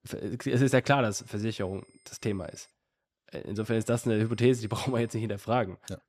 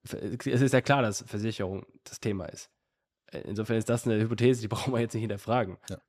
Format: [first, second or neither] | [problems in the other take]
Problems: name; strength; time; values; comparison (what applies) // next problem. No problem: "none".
second | high-pitched whine; faint; from 1 to 2.5 s and from 3.5 to 5 s; 8.5 kHz, 35 dB below the speech